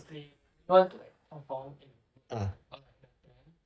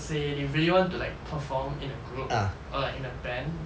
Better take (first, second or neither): second